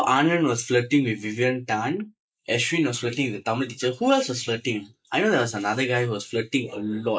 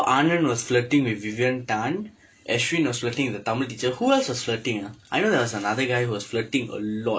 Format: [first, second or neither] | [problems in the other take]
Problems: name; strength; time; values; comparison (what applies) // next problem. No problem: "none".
second | noise reduction (neural mask model Resemble Enhance denoiser)